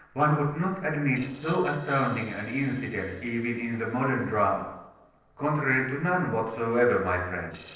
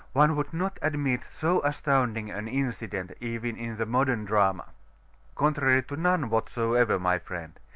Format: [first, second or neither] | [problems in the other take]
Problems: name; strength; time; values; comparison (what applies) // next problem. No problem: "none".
second | noise reduction (neural separator model SepFormer DNS4)